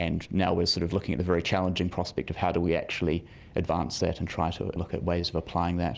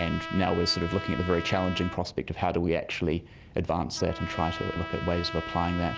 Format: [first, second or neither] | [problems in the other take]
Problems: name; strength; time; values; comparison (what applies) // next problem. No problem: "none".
first | background sound (Trumpet); 10 dB below the speech